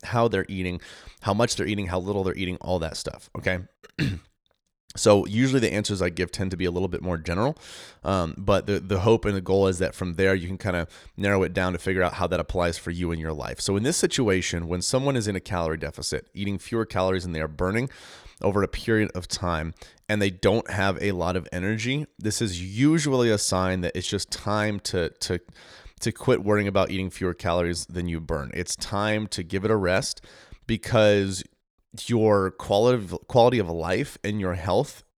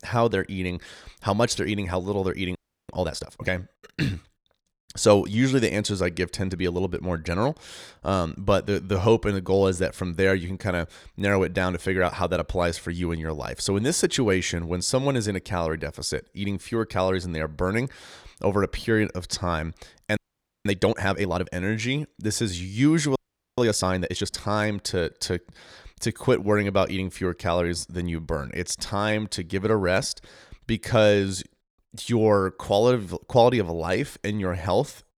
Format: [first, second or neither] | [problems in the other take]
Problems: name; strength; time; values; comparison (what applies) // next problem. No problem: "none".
first | audio freezing; at 2.5 s, at 20 s and at 23 s